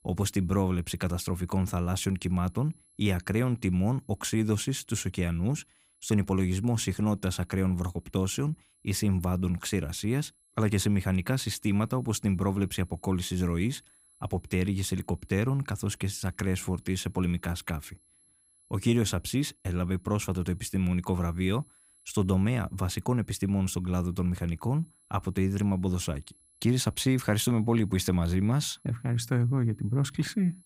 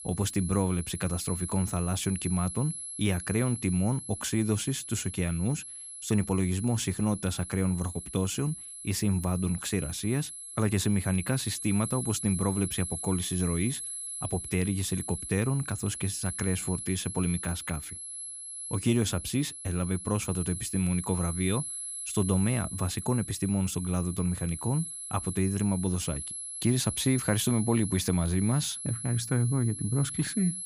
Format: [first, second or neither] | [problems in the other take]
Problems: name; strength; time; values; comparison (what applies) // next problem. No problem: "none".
first | high-pitched whine; loud; throughout; 11 kHz, 7 dB below the speech; faint in the first